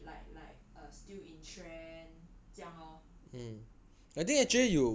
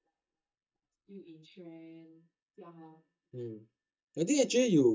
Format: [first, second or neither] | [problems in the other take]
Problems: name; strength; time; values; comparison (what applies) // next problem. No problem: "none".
first | noise reduction (neural mask model DeepFilterNet 3)